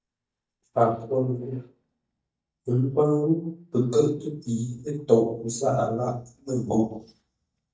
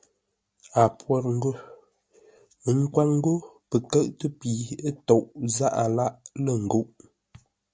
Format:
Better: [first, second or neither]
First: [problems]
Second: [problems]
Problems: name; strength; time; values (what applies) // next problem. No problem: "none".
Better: second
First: noise reduction (neural mask model DeepFilterNet 3)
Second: none